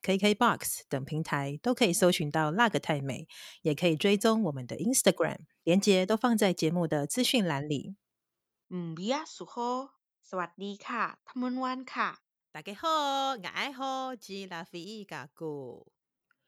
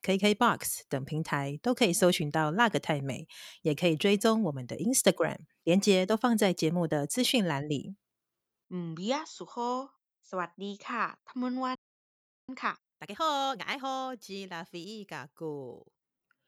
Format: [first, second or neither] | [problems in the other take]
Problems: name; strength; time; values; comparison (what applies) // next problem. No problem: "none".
first | audio freezing; at 12 s for 0.5 s